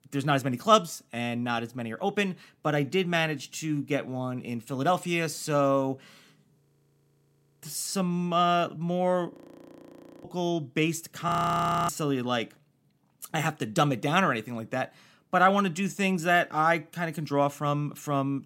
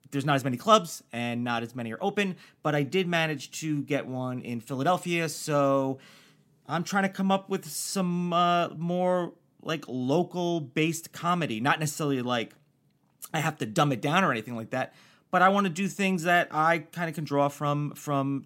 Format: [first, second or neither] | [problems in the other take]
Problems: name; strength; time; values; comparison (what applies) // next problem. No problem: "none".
second | audio freezing; at 6.5 s for 1 s, at 9.5 s for 1 s and at 11 s for 0.5 s